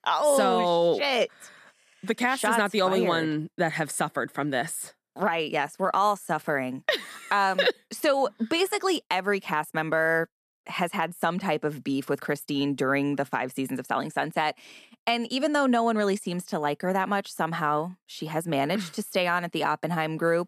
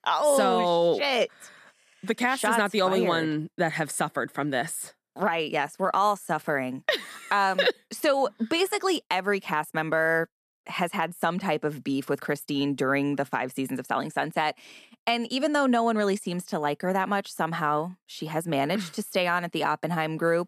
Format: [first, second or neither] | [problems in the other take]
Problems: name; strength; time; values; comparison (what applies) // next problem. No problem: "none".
neither | none